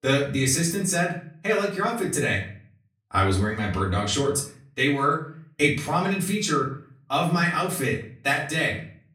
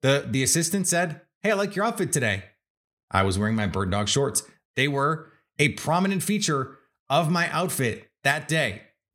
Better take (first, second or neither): second